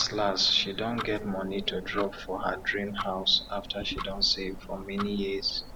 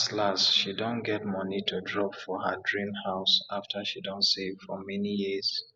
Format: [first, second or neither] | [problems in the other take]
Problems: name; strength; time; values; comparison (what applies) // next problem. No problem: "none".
second | background sound (Tick-tock); 11 dB below the speech